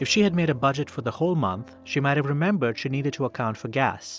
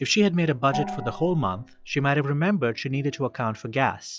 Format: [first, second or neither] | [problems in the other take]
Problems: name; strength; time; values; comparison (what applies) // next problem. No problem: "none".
first | noise reduction (classical method log-MMSE)